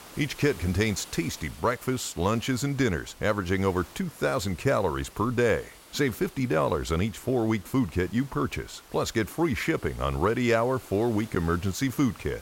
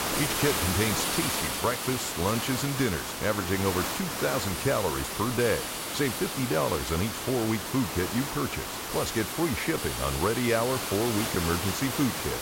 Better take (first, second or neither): first